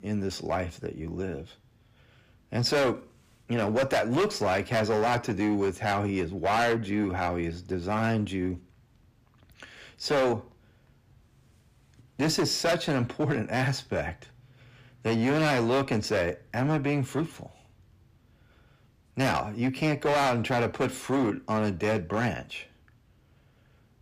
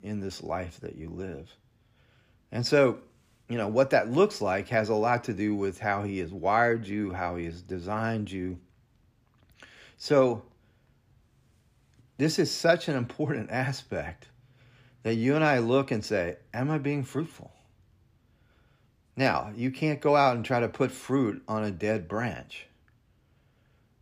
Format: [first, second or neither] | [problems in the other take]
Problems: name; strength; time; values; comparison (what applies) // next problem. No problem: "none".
second | distortion; heavy; 9% of the sound clipped